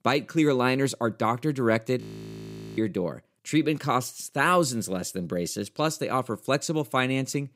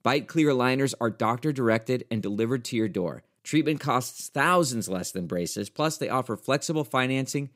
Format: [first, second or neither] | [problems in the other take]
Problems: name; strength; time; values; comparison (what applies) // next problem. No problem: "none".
second | audio freezing; at 2 s for 1 s